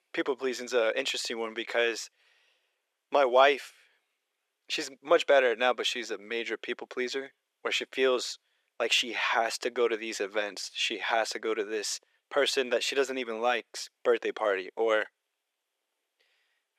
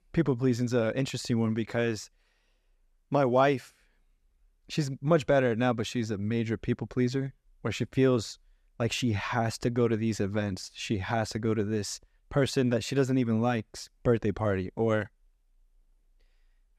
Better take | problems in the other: second | thin; very; fading below 400 Hz

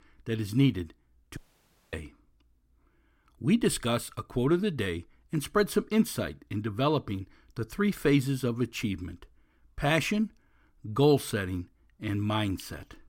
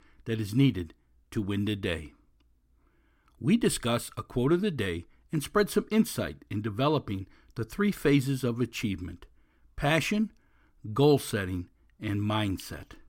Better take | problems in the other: second | audio cutting out; at 1.5 s for 0.5 s

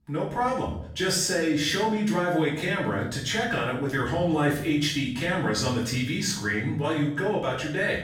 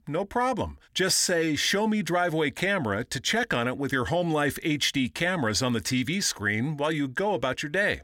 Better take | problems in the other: second | off-mic speech; far // room echo; noticeable; dies away in 0.6 s

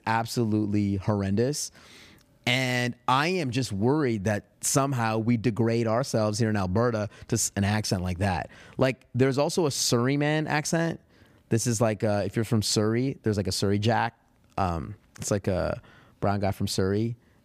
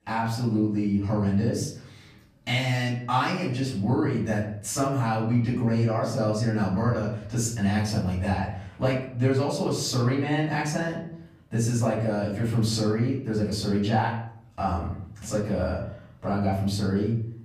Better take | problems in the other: first | off-mic speech; far // room echo; noticeable; dies away in 0.6 s

